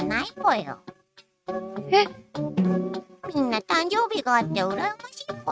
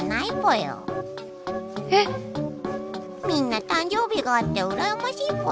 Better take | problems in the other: second | noise reduction (neural mask model RNNoise)

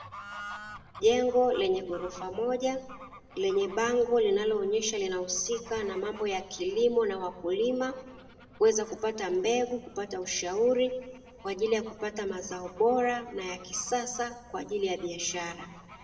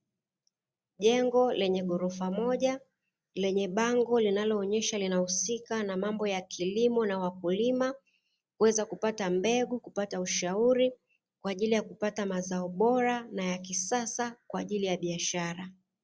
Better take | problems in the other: second | background sound (Bird / Fowl); 19 dB below the speech // room echo; dies away in 0.9 s

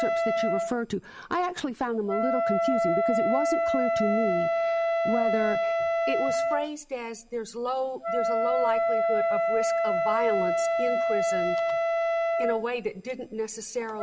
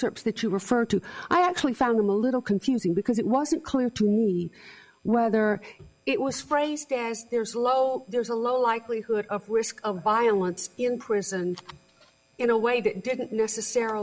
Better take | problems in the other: second | background sound (Wind instrument, woodwind instrument); 5 dB above the speech

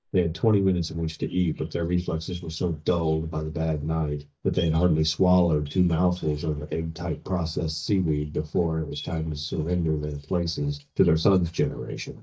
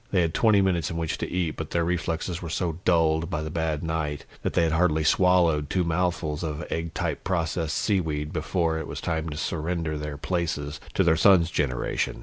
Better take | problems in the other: second | noise reduction (neural mask model DeepFilterNet 3)

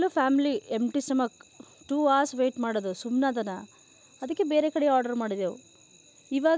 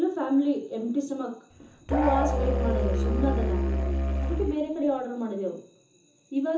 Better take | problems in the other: first | background sound (Musical instrument); 3 dB above the speech // room echo; dies away in 0.7 s

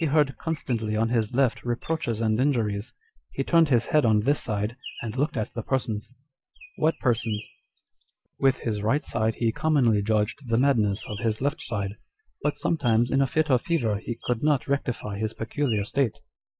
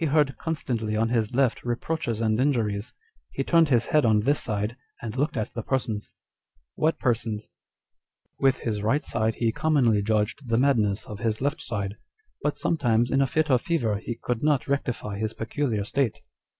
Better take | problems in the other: second | noise reduction (neural mask model Resemble Enhance denoiser)

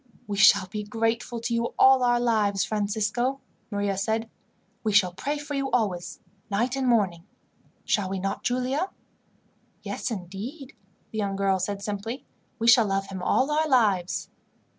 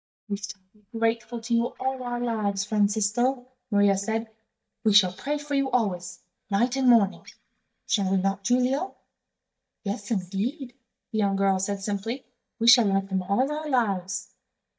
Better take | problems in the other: first | noise reduction (neural mask model DeepFilterNet 3)

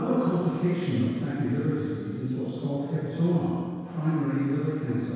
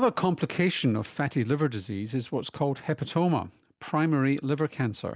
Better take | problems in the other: second | room echo; dies away in 2 s

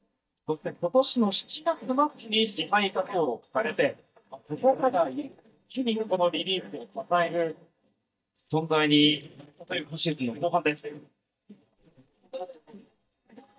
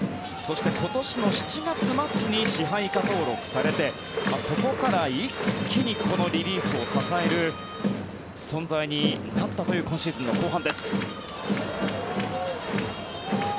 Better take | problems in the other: second | noise reduction (neural mask model DeepFilterNet 3)

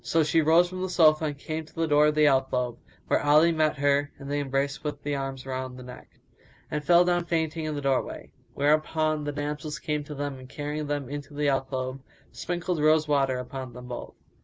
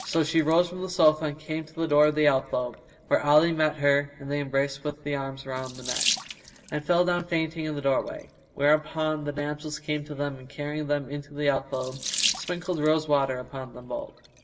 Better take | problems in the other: first | background sound (Sink (filling or washing) / Water tap, faucet); 12 dB below the speech // room echo; dies away in 0.7 s

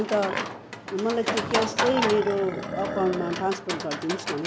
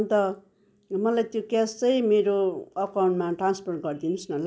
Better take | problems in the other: second | background sound (Livestock, farm animals, working animals); 3 dB below the speech

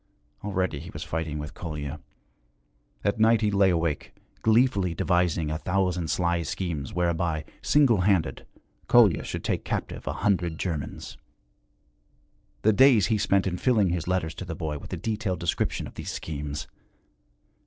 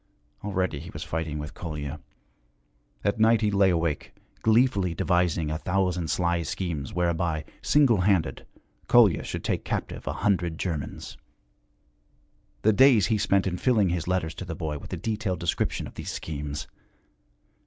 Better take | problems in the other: second | noise reduction (neural separator model SepFormer DNS4)

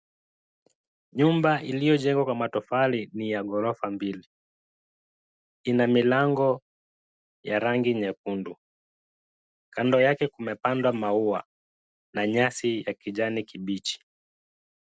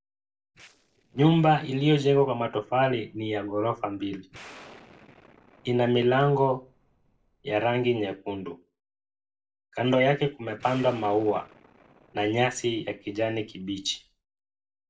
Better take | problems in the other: first | noise reduction (neural separator model SepFormer DNS4)

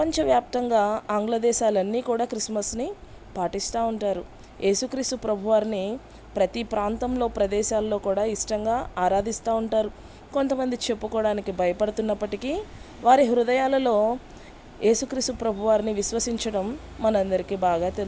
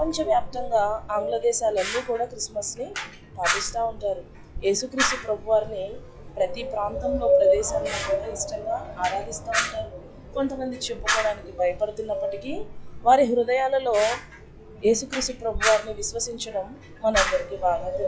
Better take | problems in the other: first | noise reduction (classical method log-MMSE)

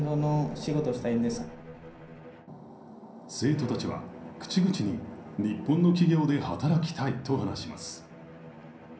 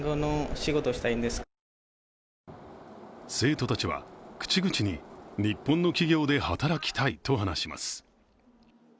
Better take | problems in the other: second | background sound (Bowed string instrument); 18 dB below the speech // room echo; dies away in 0.6 s

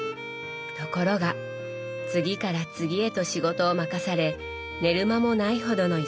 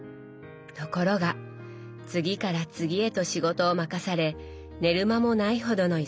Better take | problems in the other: second | background sound (Bowed string instrument); 8 dB below the speech

